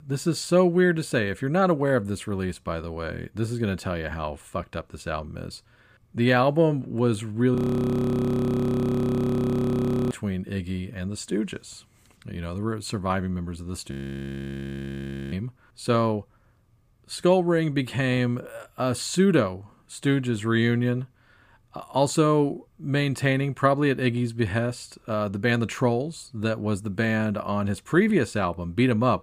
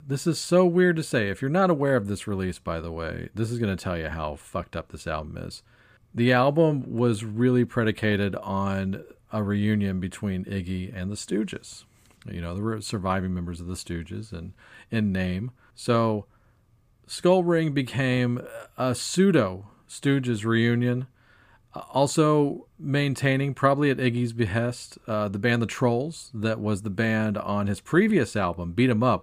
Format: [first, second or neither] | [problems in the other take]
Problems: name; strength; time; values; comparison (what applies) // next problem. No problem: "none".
second | audio freezing; at 7.5 s for 2.5 s and at 14 s for 1.5 s